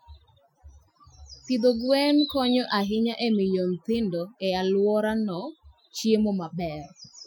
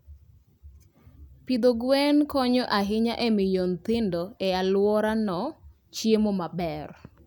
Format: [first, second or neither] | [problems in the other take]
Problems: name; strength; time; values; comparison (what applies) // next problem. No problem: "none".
second | noise reduction (classical method Wiener filter)